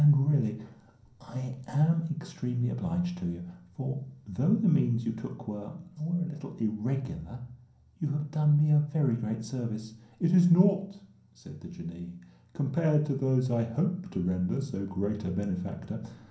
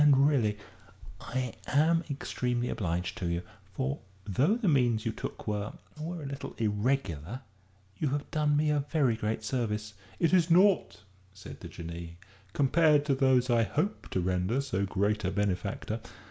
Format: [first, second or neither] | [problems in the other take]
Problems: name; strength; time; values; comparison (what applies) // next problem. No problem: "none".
second | room echo; dies away in 0.6 s